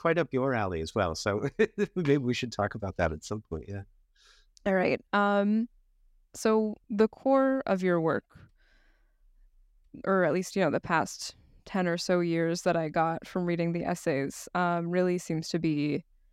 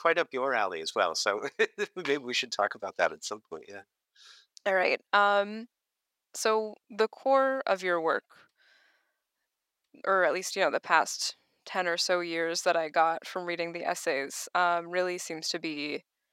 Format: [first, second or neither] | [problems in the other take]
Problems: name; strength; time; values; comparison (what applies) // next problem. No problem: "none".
first | thin; very; fading below 600 Hz